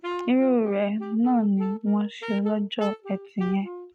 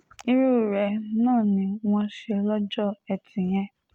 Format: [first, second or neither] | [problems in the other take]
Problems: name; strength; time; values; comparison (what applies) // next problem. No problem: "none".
second | noise reduction (neural mask model RNNoise)